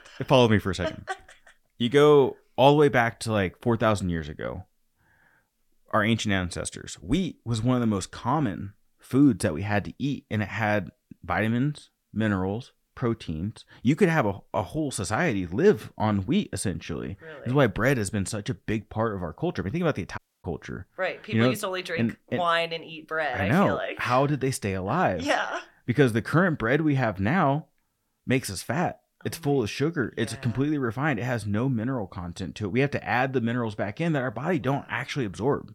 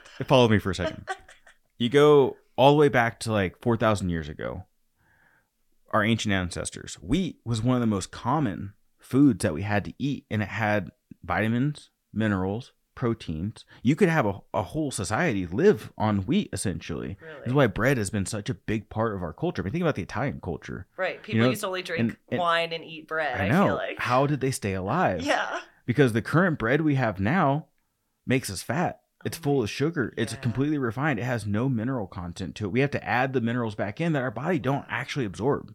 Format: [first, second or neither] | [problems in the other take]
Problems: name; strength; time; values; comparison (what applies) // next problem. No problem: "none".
second | audio cutting out; at 20 s